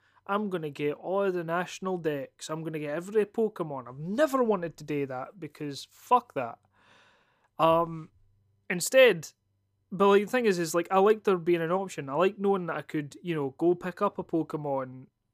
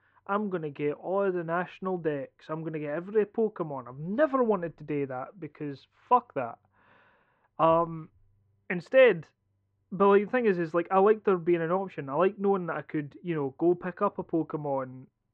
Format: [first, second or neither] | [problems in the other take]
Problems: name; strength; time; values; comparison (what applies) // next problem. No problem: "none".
first | muffled; very; fading above 2.5 kHz